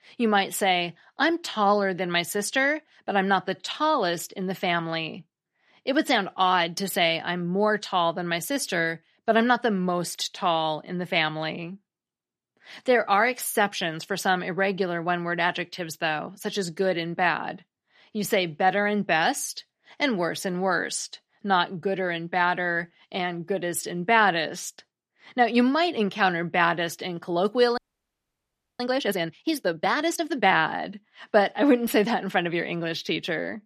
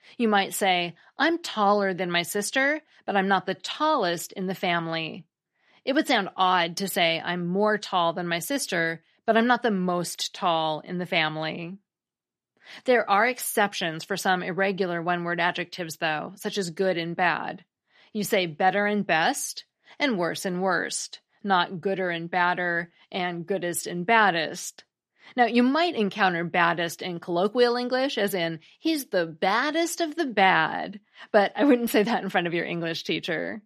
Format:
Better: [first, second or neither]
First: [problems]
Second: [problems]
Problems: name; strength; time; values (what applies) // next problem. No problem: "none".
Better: second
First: audio freezing; at 28 s for 1 s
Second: none